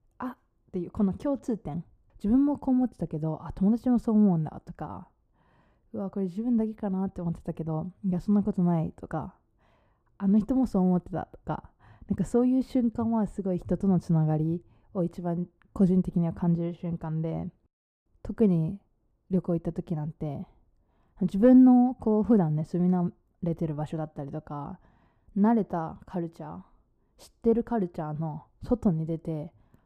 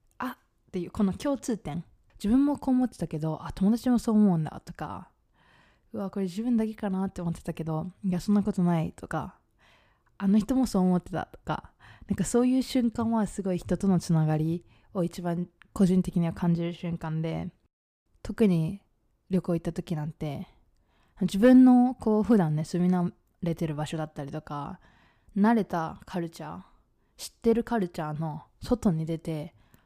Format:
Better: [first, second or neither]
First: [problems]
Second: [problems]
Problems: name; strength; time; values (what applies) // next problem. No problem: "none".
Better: second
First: muffled; slightly; fading above 1.5 kHz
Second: none